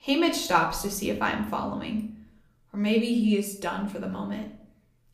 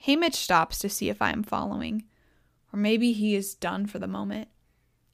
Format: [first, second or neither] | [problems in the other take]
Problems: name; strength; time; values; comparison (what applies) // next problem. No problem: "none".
second | room echo; slight; dies away in 0.5 s // off-mic speech; somewhat distant